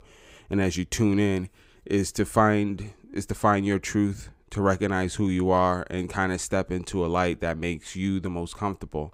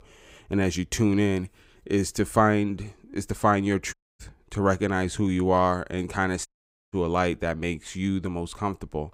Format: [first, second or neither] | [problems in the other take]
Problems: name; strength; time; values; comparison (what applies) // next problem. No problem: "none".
first | audio cutting out; at 4 s and at 6.5 s